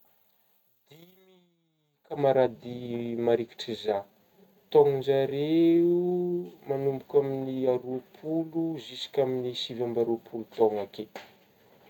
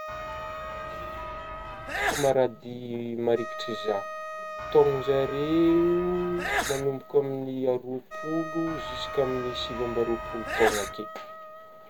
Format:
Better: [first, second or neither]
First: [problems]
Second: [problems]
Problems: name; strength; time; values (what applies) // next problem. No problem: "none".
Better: first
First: none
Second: background sound (Wind instrument, woodwind instrument + Sneeze / Church bell); 7 dB below the speech